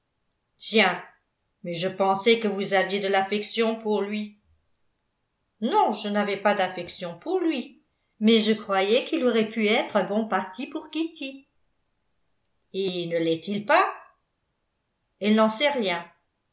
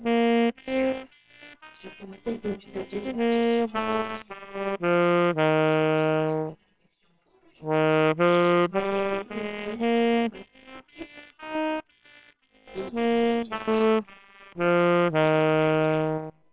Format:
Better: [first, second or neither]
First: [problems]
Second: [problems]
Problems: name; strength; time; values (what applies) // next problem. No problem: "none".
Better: first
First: none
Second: noise reduction (neural separator model SepFormer WHAMR!)